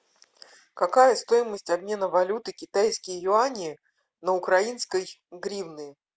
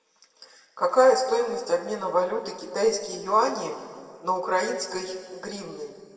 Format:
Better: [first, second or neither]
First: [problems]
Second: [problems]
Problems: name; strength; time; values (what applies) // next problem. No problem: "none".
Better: first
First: none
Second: room echo; dies away in 1.8 s